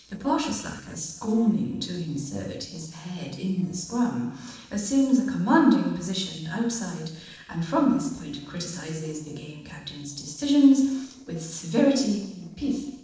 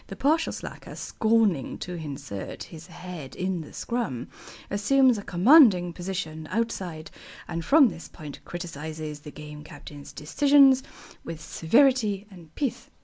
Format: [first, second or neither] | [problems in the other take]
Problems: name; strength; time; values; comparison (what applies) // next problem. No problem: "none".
second | noise reduction (neural separator model SepFormer DNS4)